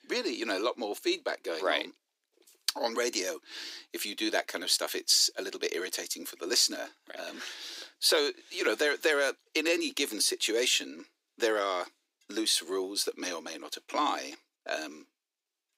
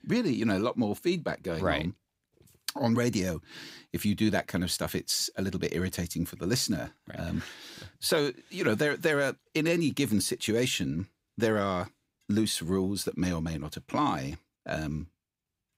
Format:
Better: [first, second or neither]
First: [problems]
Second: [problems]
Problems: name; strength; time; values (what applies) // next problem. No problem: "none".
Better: second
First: thin; very; fading below 350 Hz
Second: none